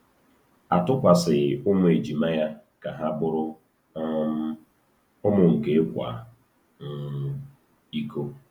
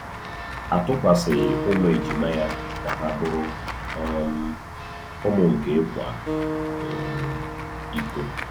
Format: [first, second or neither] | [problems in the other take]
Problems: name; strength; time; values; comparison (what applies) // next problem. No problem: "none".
first | background sound (Walk, footsteps / Run / Bell + Acoustic guitar); 5 dB below the speech